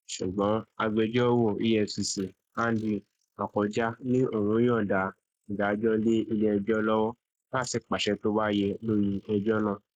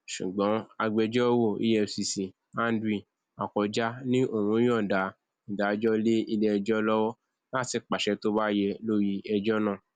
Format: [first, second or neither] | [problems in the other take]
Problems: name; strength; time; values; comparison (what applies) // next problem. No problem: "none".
second | noise reduction (neural mask model Resemble Enhance denoiser)